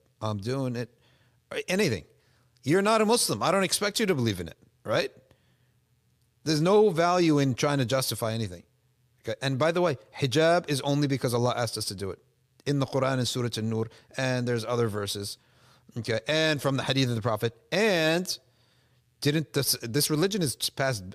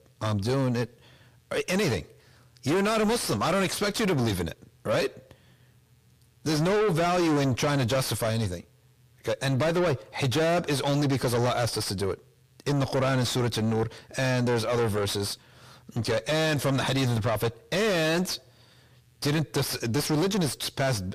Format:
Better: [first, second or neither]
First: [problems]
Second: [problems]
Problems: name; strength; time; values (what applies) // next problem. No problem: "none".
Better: first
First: none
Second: distortion; heavy; 5 dB below the speech